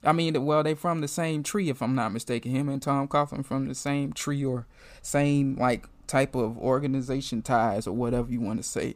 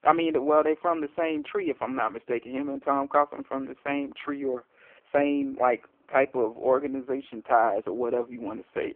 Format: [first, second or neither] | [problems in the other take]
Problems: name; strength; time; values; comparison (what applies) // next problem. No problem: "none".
first | phone-call audio; poor line